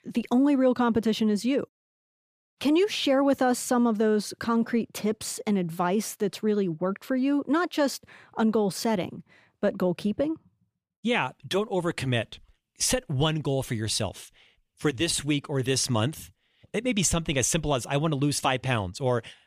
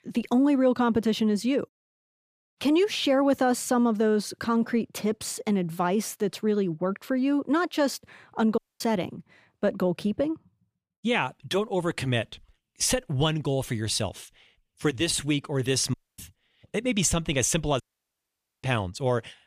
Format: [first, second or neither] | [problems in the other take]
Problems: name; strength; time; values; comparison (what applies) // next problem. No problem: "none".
first | audio cutting out; at 8.5 s, at 16 s and at 18 s for 1 s